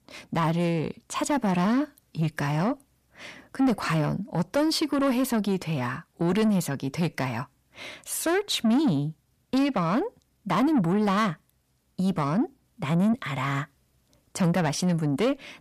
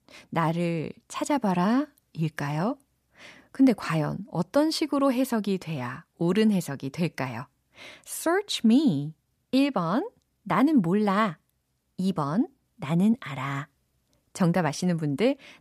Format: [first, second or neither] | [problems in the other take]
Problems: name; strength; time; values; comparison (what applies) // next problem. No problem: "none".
second | distortion; slight; 10 dB below the speech